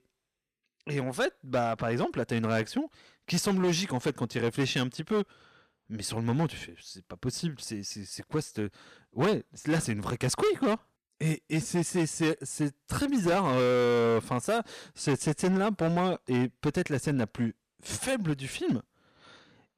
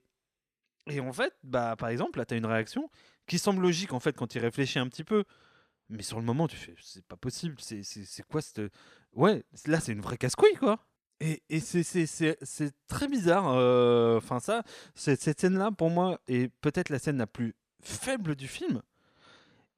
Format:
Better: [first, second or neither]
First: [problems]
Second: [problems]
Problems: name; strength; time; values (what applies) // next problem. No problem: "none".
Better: second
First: distortion; heavy; 8% of the sound clipped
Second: none